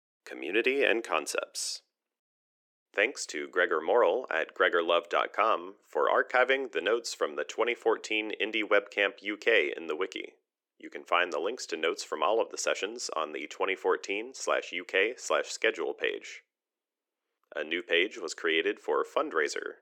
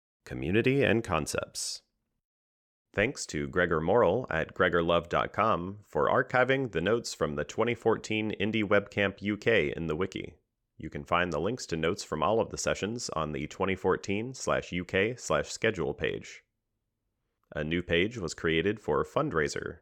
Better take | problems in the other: second | thin; somewhat; fading below 300 Hz

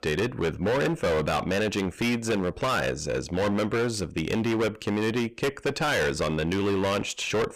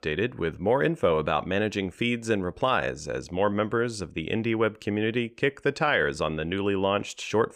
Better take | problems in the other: second | distortion; heavy; 24% of the sound clipped

